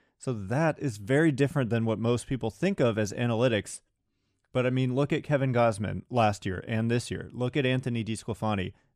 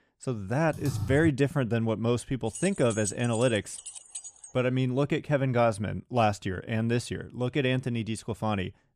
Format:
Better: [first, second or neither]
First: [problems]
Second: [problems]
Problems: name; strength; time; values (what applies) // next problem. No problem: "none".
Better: first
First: none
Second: keyboard typing; noticeable; at 0.5 s; peak 5 dB below the speech // jangling keys; noticeable; from 2.5 to 4.5 s; peak 7 dB below the speech